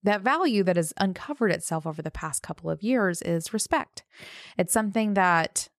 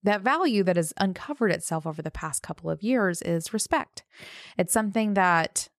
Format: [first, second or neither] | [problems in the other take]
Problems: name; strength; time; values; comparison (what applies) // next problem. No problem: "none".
neither | none